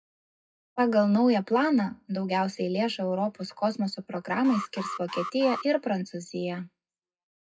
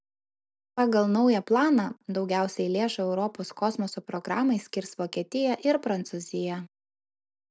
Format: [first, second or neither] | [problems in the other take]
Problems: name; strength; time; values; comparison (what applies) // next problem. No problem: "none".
second | noise reduction (classical method WPE with log-MMSE)